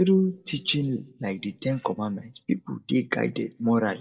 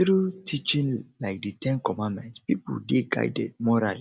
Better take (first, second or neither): second